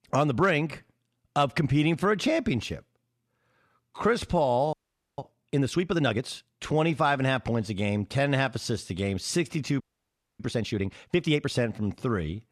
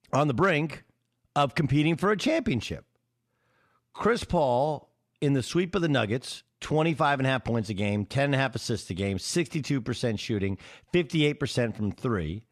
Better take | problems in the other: second | audio freezing; at 4.5 s and at 10 s for 0.5 s

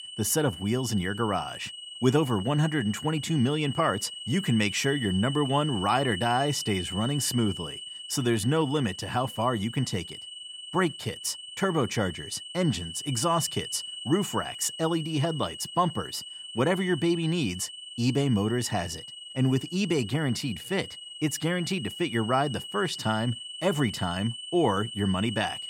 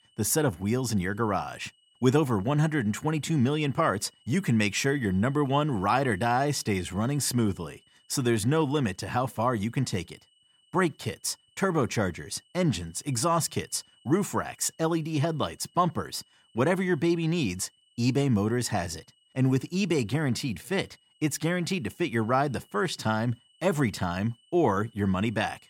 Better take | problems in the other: second | high-pitched whine; loud; throughout; 3 kHz, 10 dB below the speech; faint in the second

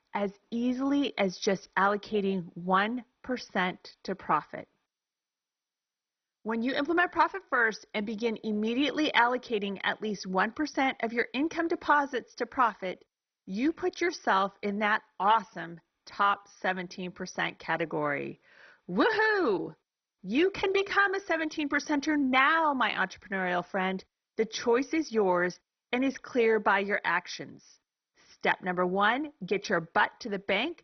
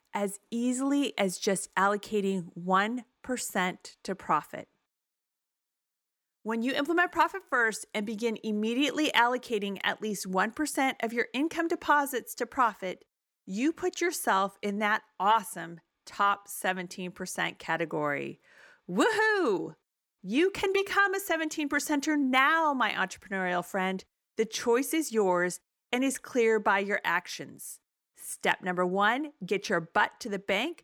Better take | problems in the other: second | garbled, watery; badly; nothing above 6 kHz

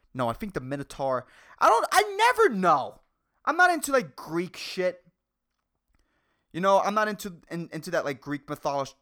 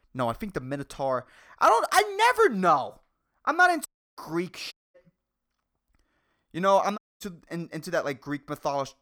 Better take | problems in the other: first | audio cutting out; at 4 s, at 4.5 s and at 7 s

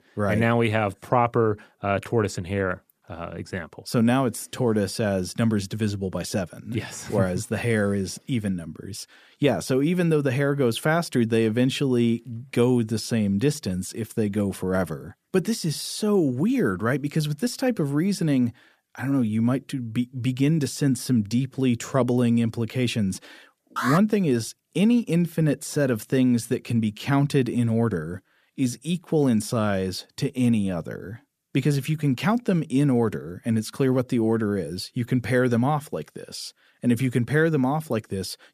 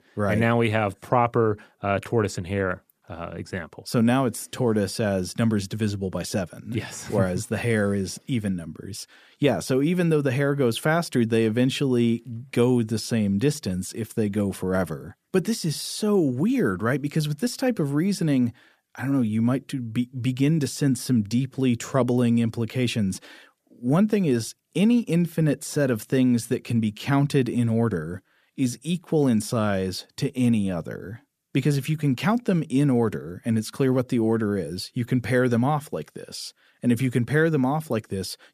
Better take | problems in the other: second | alarm; noticeable; at 24 s; peak 3 dB below the speech

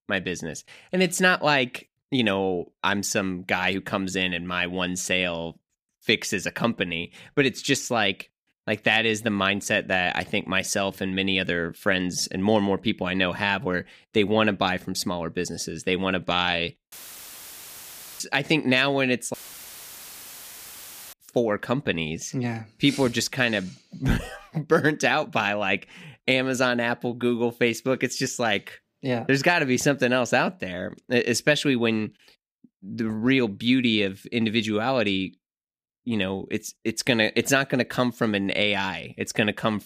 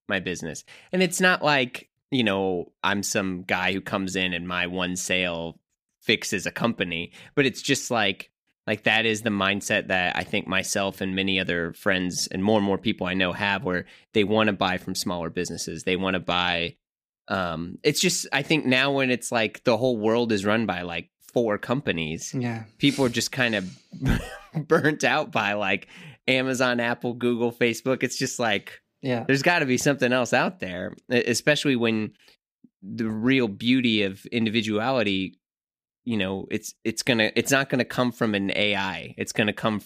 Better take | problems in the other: second | audio cutting out; filled with static; at 17 s for 1.5 s and at 19 s for 2 s

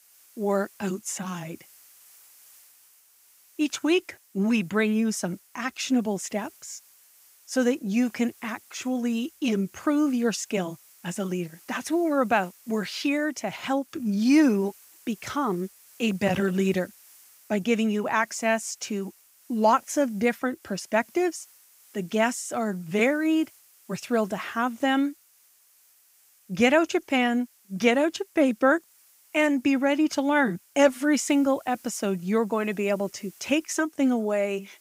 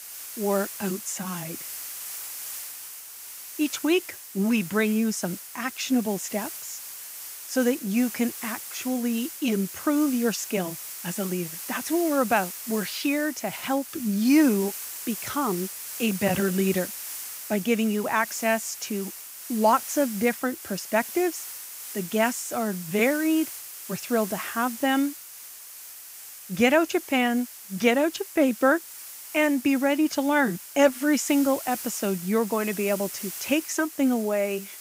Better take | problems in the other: first | hiss; loud; throughout; 10 dB below the speech; faint in the first

